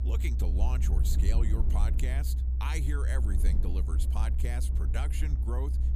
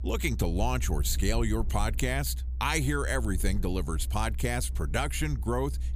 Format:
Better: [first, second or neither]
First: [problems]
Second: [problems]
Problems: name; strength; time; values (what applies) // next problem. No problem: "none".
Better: second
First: low rumble; loud; throughout; 6 dB below the speech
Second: low rumble; faint; throughout; 20 dB below the speech